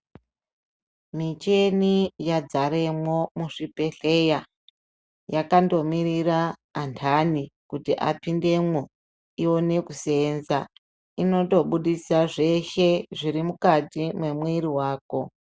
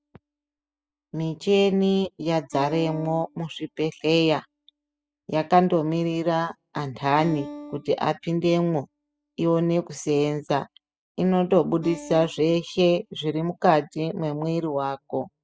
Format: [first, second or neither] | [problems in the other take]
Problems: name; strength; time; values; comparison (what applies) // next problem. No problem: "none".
first | noise reduction (classical method spectral subtraction)